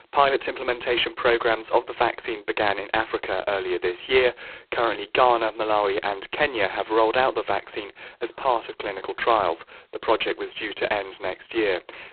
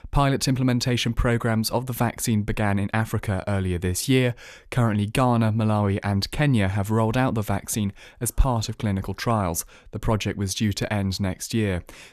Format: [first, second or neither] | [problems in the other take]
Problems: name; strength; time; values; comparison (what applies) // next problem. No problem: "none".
second | phone-call audio; poor line; nothing above 4 kHz